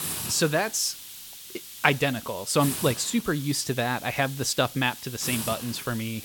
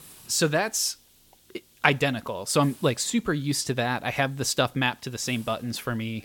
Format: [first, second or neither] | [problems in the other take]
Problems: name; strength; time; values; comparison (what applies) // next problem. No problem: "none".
second | hiss; loud; throughout; 9 dB below the speech; faint in the second